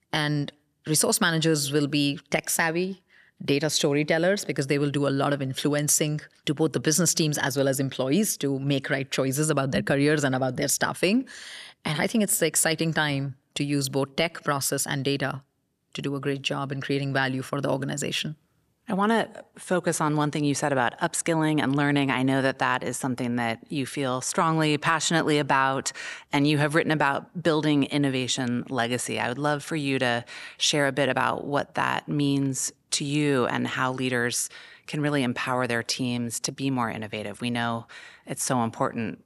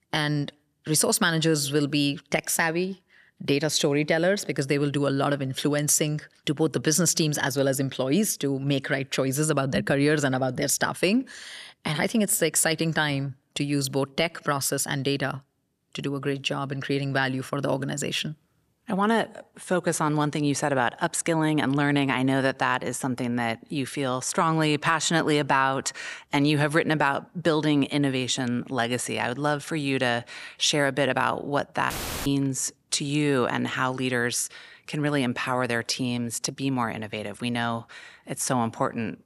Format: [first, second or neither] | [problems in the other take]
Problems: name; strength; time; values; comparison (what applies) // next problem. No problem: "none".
first | audio cutting out; filled with static; at 32 s